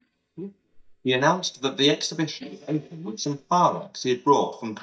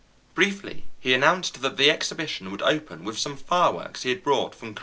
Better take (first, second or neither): second